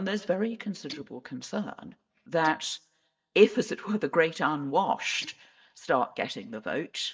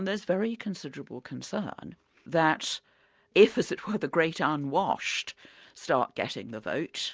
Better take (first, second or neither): second